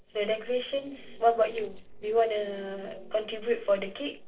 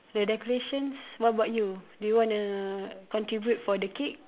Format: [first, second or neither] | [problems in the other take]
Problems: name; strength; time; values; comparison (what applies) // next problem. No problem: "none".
second | noise reduction (neural separator model SepFormer DNS4)